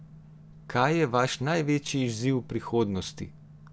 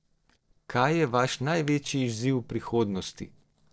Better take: first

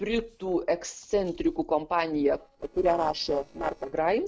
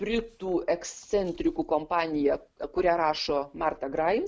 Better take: second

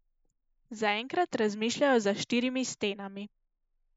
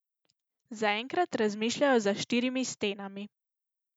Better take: second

